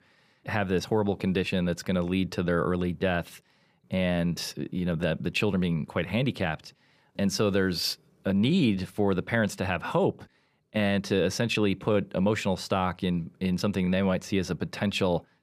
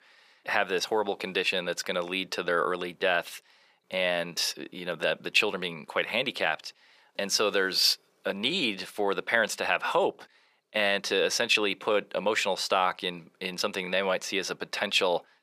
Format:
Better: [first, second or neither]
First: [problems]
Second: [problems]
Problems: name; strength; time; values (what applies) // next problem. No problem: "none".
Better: first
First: none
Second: thin; very; fading below 550 Hz